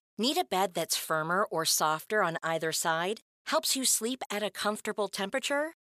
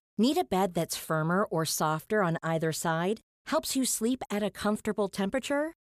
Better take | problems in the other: second | thin; somewhat; fading below 700 Hz

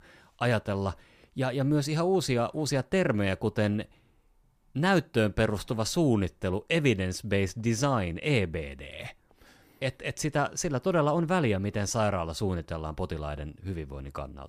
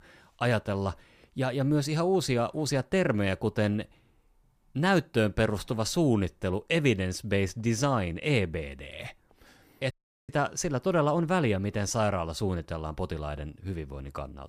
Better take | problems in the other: first | audio cutting out; at 10 s

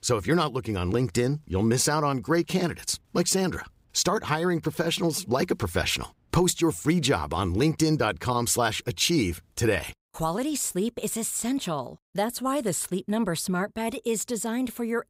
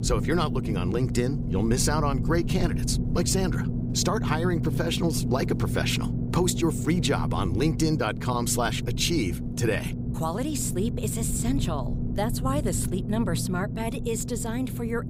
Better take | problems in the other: first | low rumble; loud; throughout; 9 dB below the speech

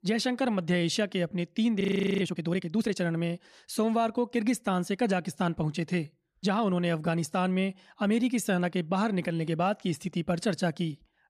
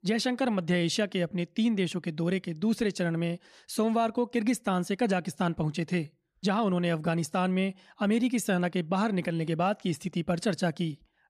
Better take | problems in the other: second | audio freezing; at 2 s

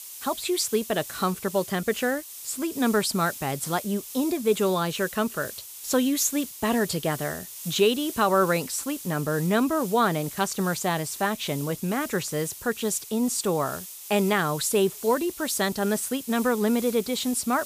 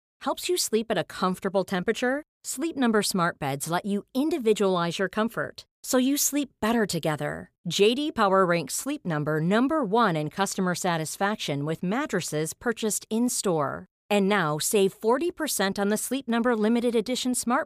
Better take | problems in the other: second | hiss; noticeable; throughout; 10 dB below the speech

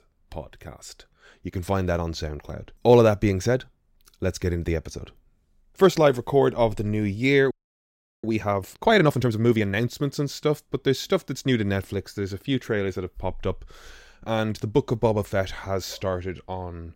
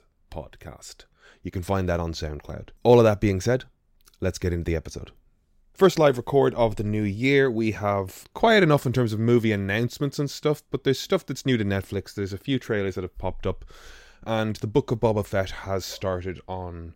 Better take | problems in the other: second | audio freezing; at 7.5 s for 0.5 s

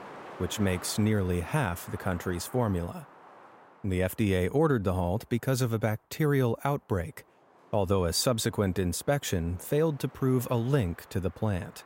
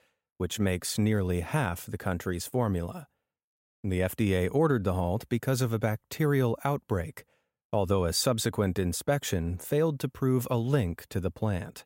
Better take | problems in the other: second | wind noise on the microphone; occasional gusts; 15 dB below the speech

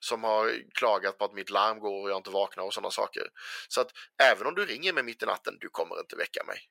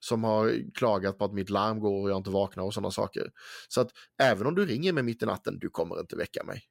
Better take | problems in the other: second | thin; very; fading below 650 Hz

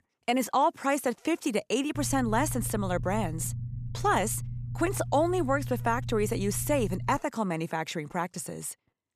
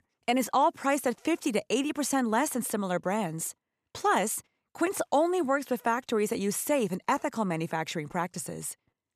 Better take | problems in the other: second | low rumble; faint; from 2 to 7 s; 20 dB below the speech

